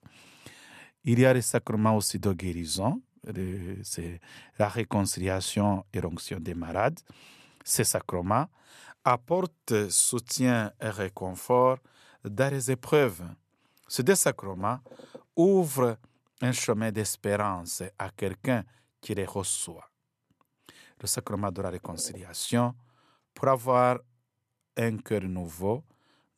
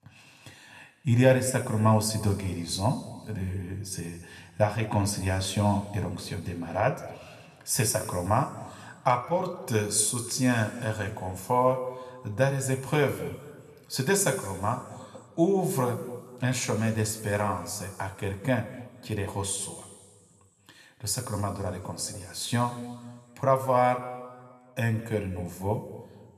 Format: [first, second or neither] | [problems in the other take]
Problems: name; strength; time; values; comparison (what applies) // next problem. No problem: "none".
first | room echo; slight; dies away in 1.6 s